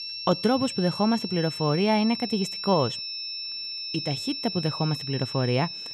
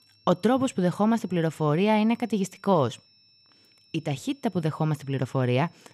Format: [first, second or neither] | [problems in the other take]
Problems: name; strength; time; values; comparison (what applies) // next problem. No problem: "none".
second | high-pitched whine; loud; throughout; 5.5 kHz, 6 dB below the speech; faint in the second